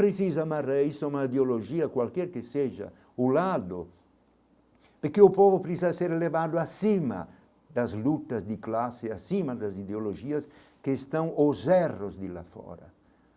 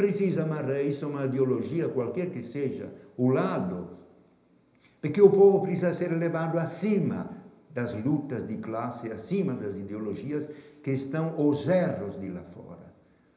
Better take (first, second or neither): first